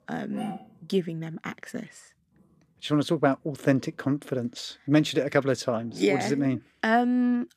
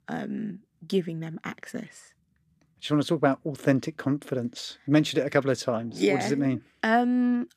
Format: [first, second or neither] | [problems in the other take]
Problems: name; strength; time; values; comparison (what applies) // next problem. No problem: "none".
second | animal sounds; noticeable; throughout; 20 dB below the speech